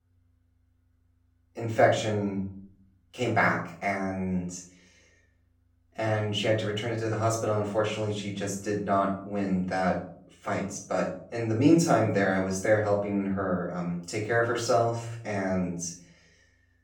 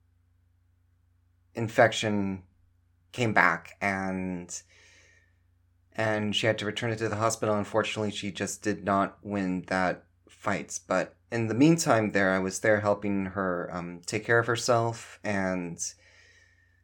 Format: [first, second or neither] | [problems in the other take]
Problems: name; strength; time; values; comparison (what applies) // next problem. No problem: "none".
second | off-mic speech; far // room echo; slight; dies away in 0.5 s